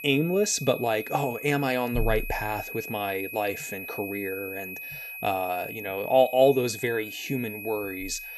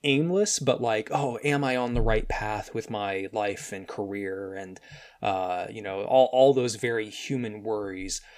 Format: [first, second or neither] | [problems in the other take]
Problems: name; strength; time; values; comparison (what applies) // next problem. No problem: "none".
second | high-pitched whine; loud; throughout; 2.5 kHz, 9 dB below the speech